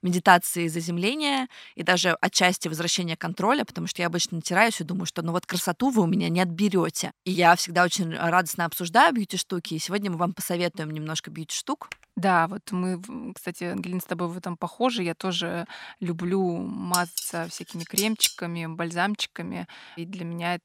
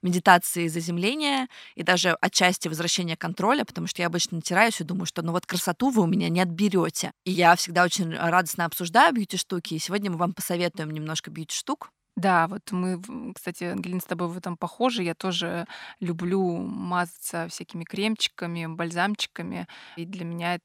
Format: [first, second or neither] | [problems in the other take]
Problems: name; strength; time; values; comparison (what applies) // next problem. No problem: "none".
second | keyboard typing; very faint; at 12 s; peak 20 dB below the speech // clattering dishes; loud; from 17 to 18 s; peak 1 dB above the speech